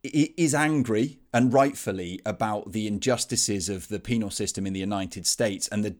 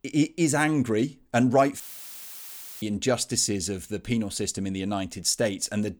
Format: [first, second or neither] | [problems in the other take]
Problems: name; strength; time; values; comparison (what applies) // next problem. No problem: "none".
first | audio cutting out; filled with static; at 2 s for 1 s